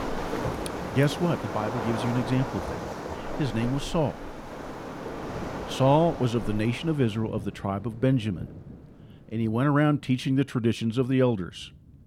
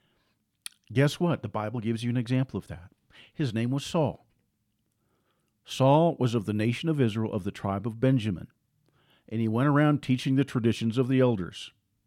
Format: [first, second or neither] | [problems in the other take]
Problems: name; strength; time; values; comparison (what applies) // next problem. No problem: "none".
second | rain or running water; loud; throughout; 9 dB below the speech